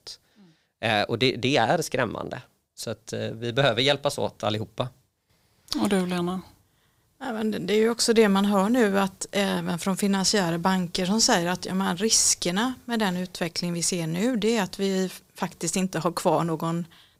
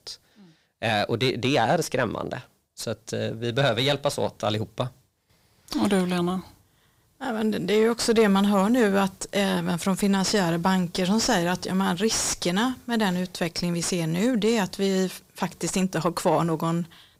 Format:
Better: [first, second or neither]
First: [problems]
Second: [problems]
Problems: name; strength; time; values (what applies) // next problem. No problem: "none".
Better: first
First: none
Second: distortion; slight; 10 dB below the speech